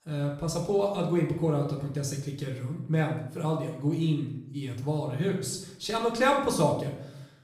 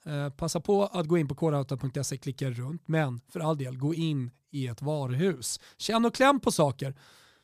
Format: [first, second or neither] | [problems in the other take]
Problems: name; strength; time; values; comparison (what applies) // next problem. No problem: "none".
second | room echo; noticeable; dies away in 0.6 s // off-mic speech; somewhat distant